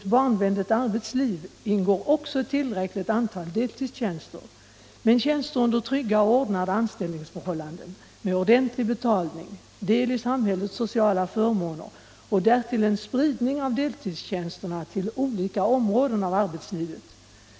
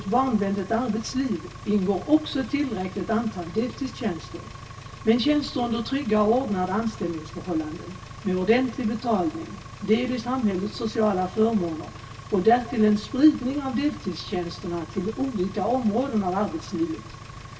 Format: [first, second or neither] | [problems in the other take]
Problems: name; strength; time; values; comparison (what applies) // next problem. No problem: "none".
first | background sound (Engine); 16 dB below the speech // room echo; dies away in 0.1 s